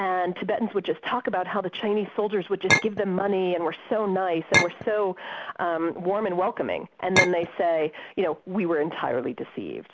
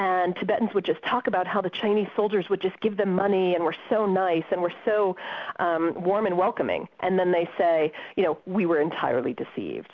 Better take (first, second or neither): second